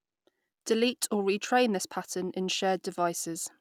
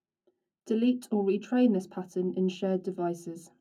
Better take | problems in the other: first | room echo; dies away in 0.3 s

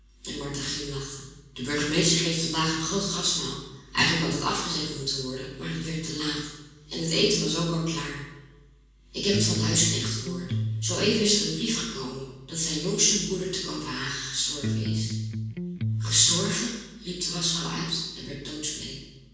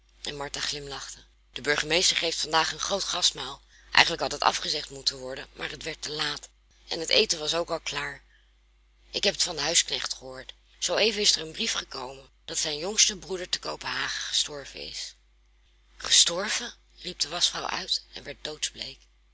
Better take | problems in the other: second | background sound (Electric guitar); 1 dB below the speech // room echo; dies away in 1.2 s

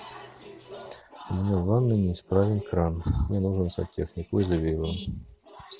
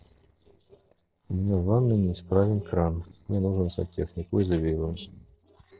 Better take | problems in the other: first | noise reduction (neural separator model SepFormer DNS4)

